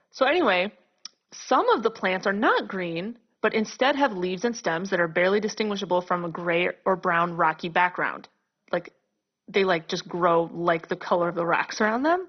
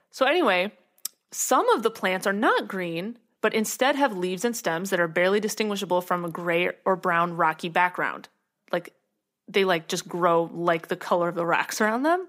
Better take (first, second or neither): second